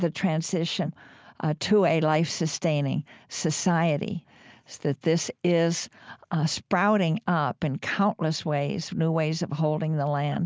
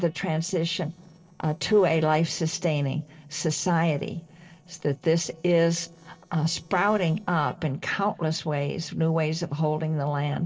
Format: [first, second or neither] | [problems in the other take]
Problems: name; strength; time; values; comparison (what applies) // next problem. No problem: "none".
first | noise reduction (neural separator model SepFormer DNS4)